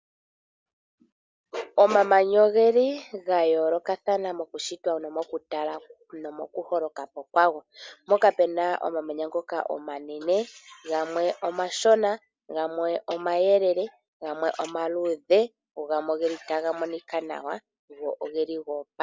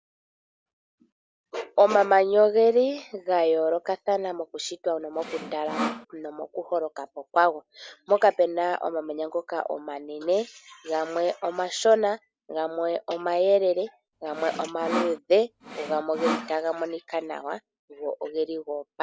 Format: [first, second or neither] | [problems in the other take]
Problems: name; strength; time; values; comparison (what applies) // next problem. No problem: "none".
first | background sound (Sawing); 7 dB below the speech